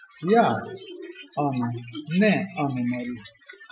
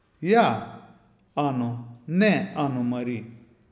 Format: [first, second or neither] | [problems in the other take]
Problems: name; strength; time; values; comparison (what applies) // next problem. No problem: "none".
second | noise reduction (classical method Wiener filter)